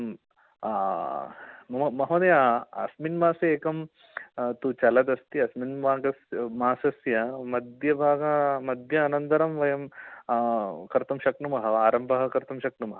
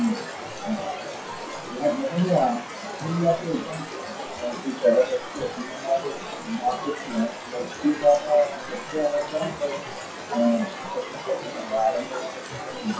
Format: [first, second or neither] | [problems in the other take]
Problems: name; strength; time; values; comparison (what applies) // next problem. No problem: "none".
first | noise reduction (classical method WPE with log-MMSE)